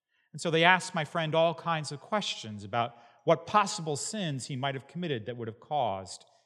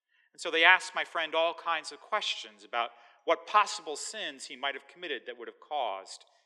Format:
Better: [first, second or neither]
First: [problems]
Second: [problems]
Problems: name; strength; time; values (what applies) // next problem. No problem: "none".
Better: first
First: none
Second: thin; very; fading below 300 Hz